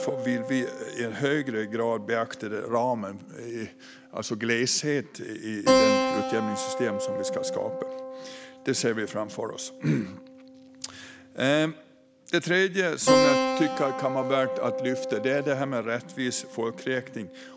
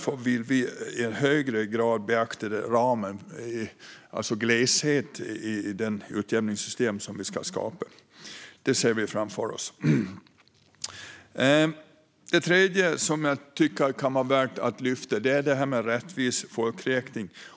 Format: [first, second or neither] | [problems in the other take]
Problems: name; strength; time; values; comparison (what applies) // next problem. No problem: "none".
second | background sound (Keyboard (musical)); 2 dB below the speech